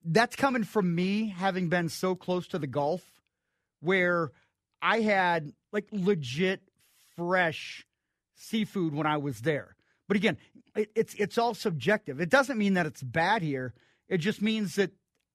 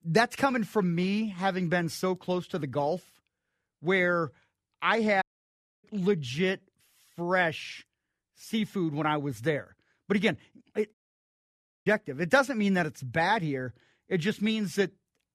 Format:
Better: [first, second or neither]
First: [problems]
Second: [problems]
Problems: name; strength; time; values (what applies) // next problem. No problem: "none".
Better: first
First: none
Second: audio cutting out; at 5 s for 0.5 s and at 11 s for 1 s